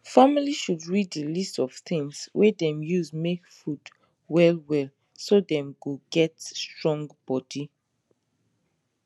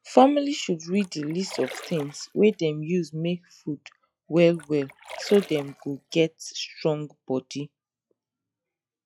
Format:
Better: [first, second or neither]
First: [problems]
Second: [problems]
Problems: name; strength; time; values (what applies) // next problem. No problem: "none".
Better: first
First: none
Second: noise reduction (classical method log-MMSE)